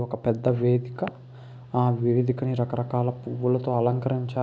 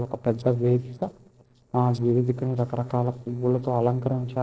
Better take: first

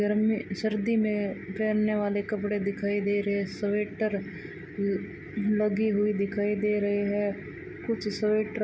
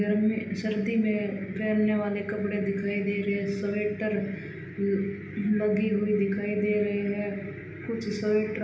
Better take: first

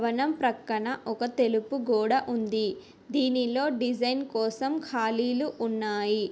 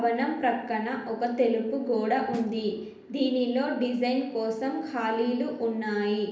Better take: first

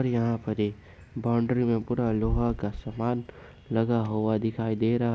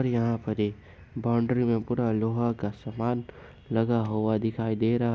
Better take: second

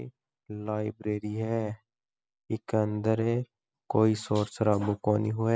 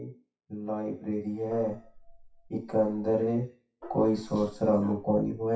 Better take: first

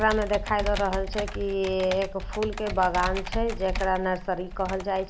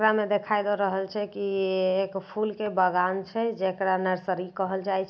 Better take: second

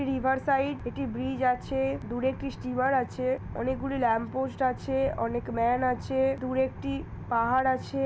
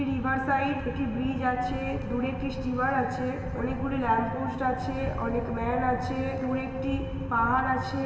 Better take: first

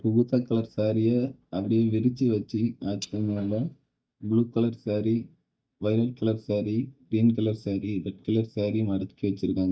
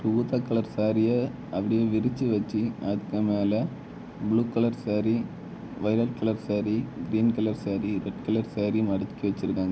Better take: second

